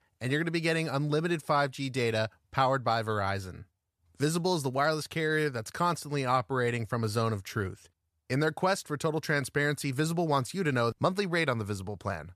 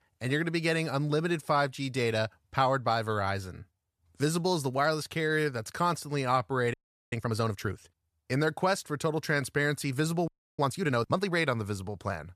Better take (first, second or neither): first